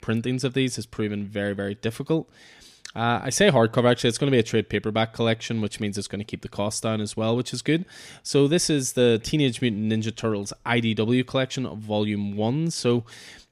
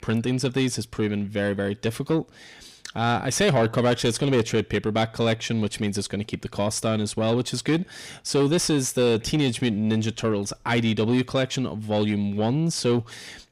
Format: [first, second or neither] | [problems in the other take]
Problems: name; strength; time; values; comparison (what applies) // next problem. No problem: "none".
first | distortion; slight; 10 dB below the speech